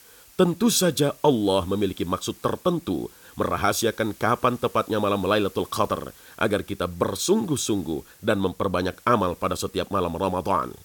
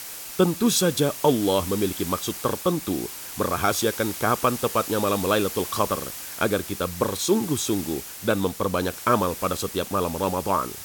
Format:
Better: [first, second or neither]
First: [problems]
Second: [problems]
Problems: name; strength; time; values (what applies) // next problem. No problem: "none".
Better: first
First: hiss; faint; throughout; 25 dB below the speech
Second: hiss; loud; throughout; 9 dB below the speech